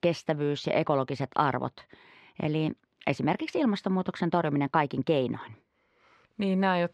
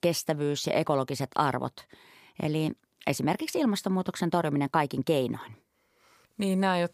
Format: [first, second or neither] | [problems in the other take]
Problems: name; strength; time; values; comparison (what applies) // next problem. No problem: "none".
second | muffled; slightly; fading above 3 kHz